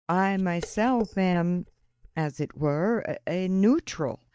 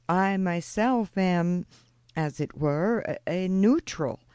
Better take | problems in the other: second | noise reduction (neural mask model DeepFilterNet 3)

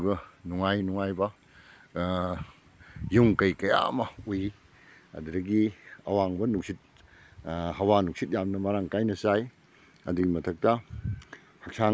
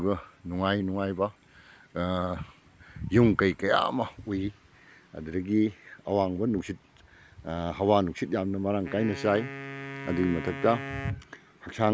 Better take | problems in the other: first | background sound (Wind instrument, woodwind instrument); 11 dB below the speech

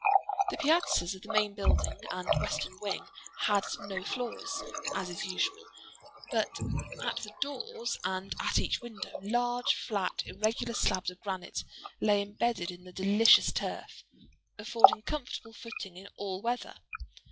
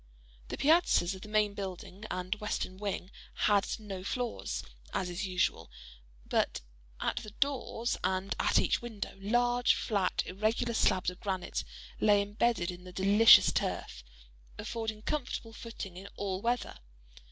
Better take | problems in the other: second | noise reduction (classical method log-MMSE)

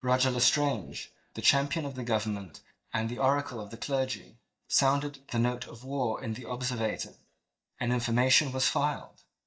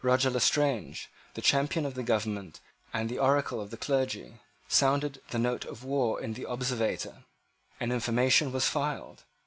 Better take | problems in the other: second | noise reduction (neural mask model DeepFilterNet 3)

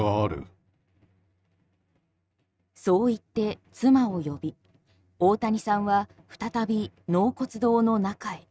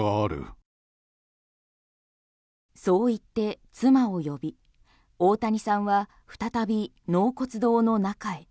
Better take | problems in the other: second | noise reduction (neural mask model RNNoise)

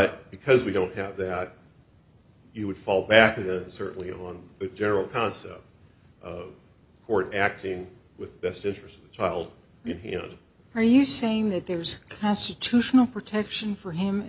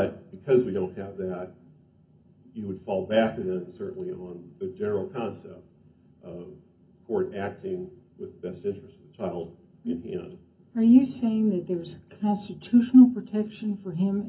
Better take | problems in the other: first | room echo; dies away in 0.3 s

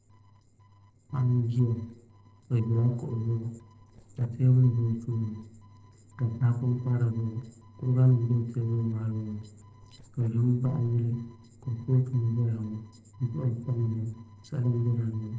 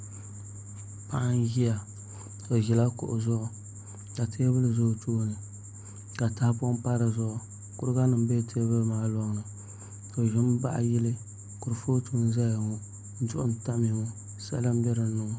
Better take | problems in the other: second | noise reduction (neural separator model SepFormer DNS4)

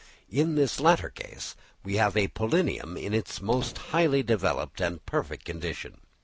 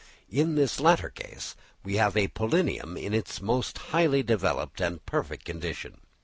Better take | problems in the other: second | background sound (Squeak); 19 dB below the speech

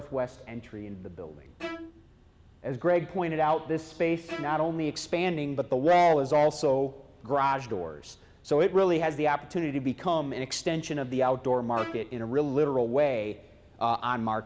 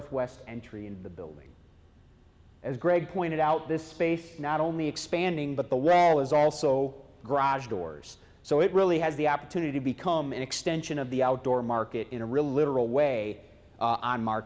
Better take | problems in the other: second | background sound (Bowed string instrument); 15 dB below the speech

